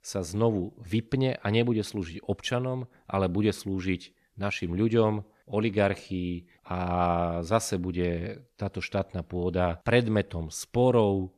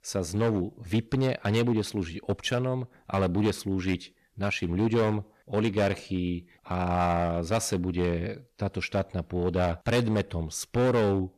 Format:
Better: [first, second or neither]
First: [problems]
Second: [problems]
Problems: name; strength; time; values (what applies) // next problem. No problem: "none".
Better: first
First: none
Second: distortion; slight; 7% of the sound clipped